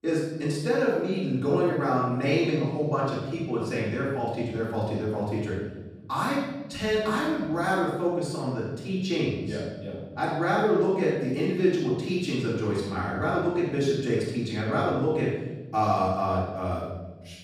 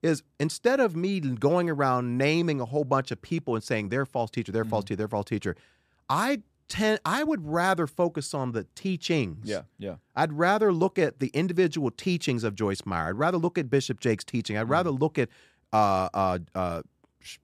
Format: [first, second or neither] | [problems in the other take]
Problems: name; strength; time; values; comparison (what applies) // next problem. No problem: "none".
second | off-mic speech; far // room echo; strong; dies away in 1.2 s